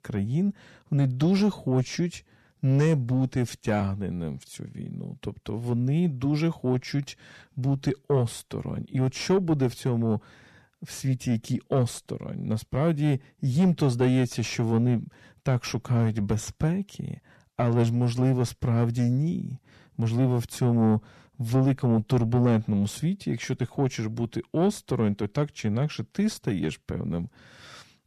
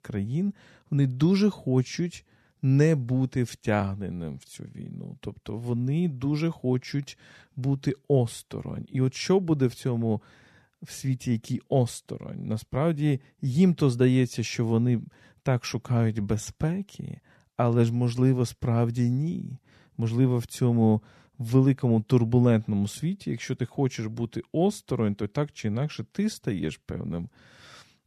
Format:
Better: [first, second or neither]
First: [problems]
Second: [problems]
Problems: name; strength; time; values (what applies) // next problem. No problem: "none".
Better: second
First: distortion; slight; 10 dB below the speech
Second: none